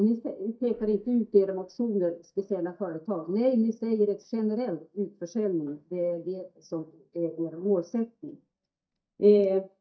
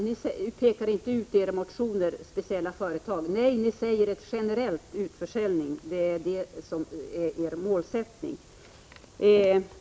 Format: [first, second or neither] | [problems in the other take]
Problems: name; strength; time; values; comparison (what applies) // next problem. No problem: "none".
second | noise reduction (neural mask model DeepFilterNet 3)